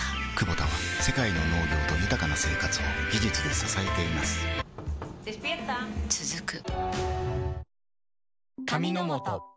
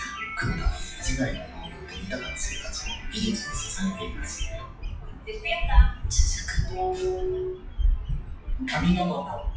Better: first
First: none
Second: noise reduction (classical method WPE with log-MMSE)

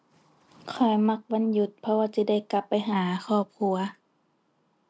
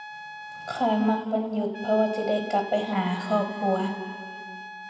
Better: first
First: none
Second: background sound (Trumpet); 13 dB below the speech // room echo; dies away in 2 s

